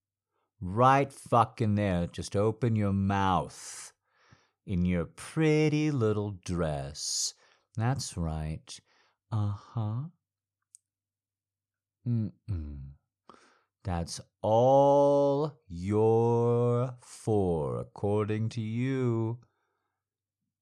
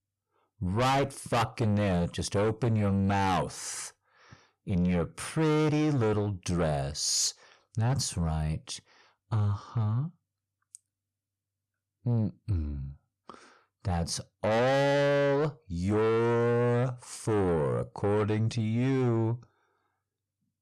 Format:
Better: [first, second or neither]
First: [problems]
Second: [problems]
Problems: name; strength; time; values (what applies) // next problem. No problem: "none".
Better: first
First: none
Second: distortion; heavy; 6 dB below the speech